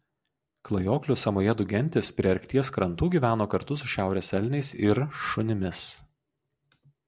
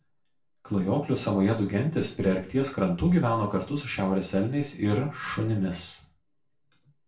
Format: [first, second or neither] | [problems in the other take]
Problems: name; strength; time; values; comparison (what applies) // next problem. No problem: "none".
first | room echo; dies away in 0.3 s